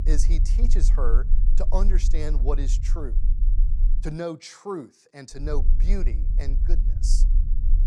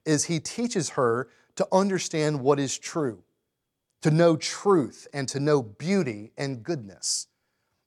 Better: second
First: low rumble; noticeable; until 4 s and from 5.5 s on; 10 dB below the speech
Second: none

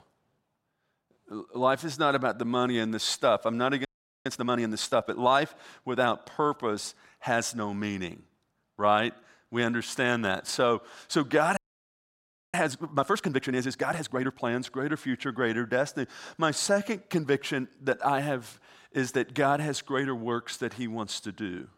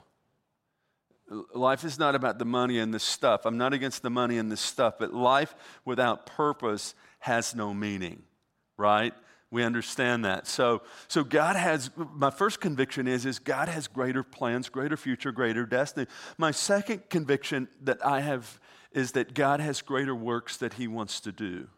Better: second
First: audio freezing; at 4 s and at 12 s for 1 s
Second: none

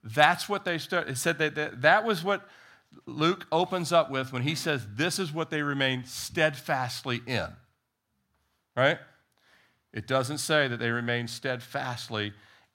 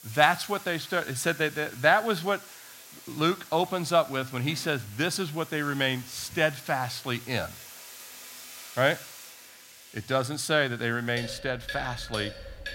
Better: first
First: none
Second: household noises; noticeable; throughout; 15 dB below the speech

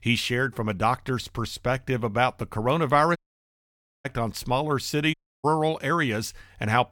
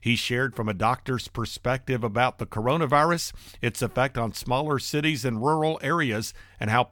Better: second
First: audio cutting out; at 3 s for 1 s and at 5 s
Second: none

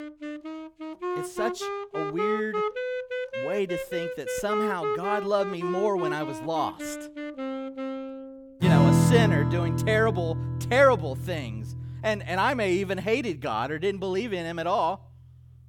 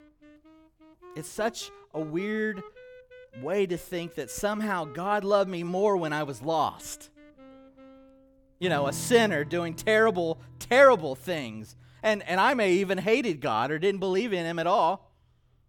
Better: second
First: background music; loud; throughout; 1 dB below the speech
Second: background music; faint; throughout; 20 dB below the speech

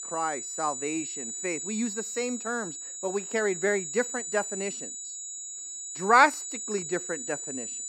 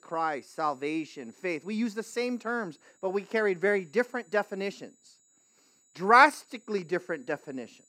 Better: second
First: high-pitched whine; loud; throughout; 7 kHz, 6 dB below the speech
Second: high-pitched whine; faint; throughout; 7 kHz, 35 dB below the speech

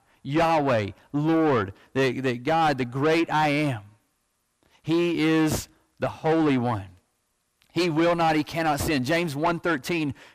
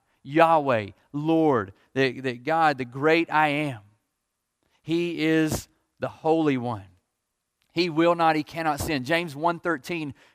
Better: second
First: distortion; heavy; 7 dB below the speech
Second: none

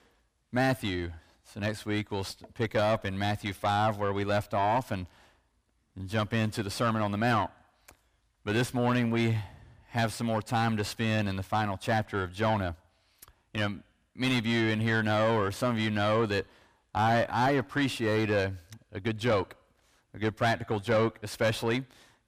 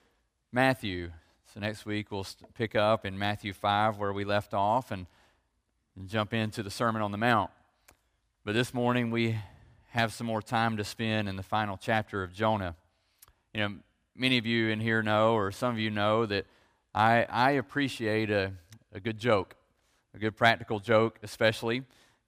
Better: second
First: distortion; heavy; 7 dB below the speech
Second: none

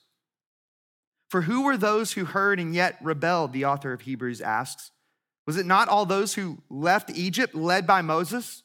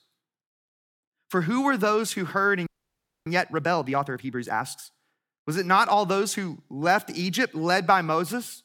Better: first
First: none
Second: audio freezing; at 2.5 s for 0.5 s

